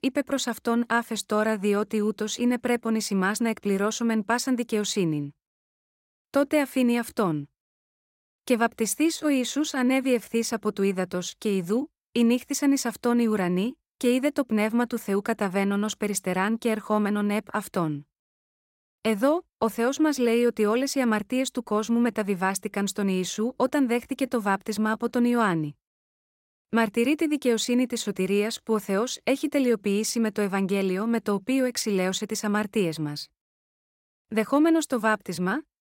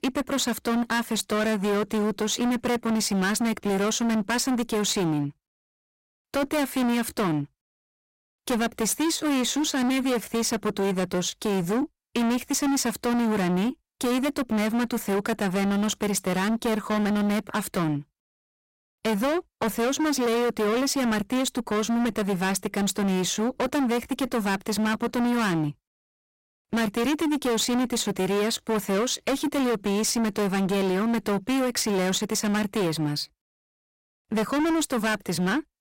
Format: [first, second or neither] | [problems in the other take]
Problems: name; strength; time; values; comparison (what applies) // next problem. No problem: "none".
first | distortion; heavy; 29% of the sound clipped